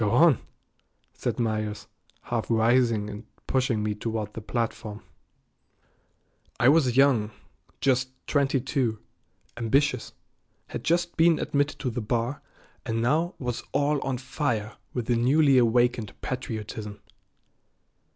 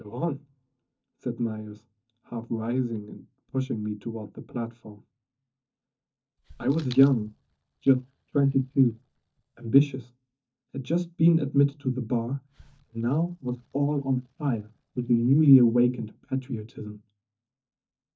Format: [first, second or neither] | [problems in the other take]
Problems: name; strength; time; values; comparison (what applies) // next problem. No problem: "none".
first | noise reduction (neural mask model DeepFilterNet 3)